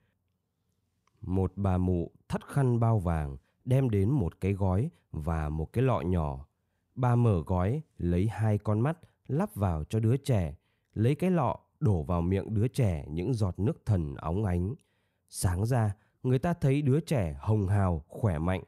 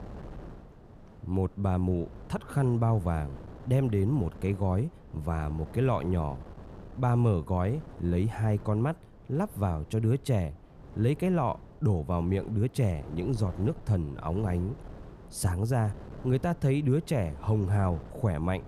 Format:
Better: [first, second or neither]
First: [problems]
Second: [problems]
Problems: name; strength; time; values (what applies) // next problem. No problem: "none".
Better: first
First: none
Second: wind noise on the microphone; occasional gusts; 20 dB below the speech